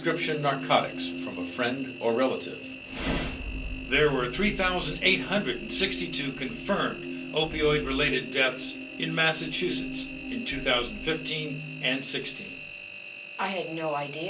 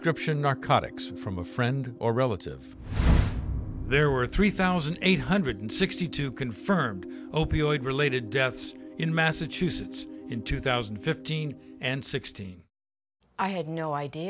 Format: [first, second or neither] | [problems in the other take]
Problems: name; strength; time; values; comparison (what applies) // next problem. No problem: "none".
second | background sound (Engine); 14 dB below the speech // room echo; dies away in 0.3 s